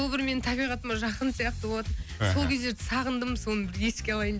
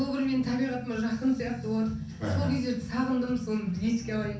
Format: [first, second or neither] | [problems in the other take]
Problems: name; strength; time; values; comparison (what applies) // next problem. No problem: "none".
first | room echo; dies away in 0.6 s